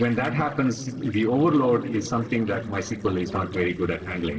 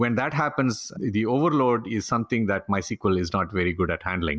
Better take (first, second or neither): second